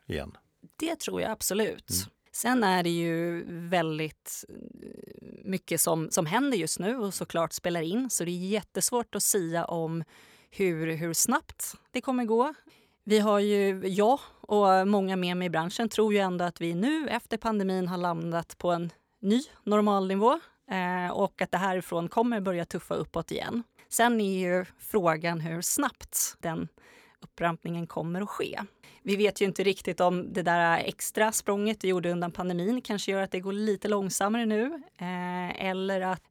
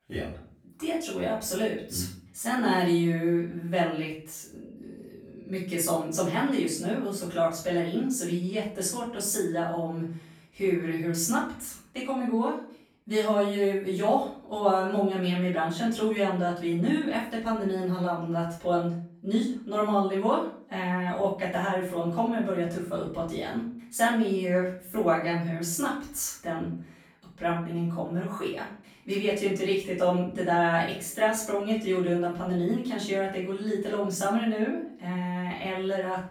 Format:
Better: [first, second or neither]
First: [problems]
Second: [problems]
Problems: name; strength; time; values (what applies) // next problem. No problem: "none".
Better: first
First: none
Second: off-mic speech; far // room echo; noticeable; dies away in 0.4 s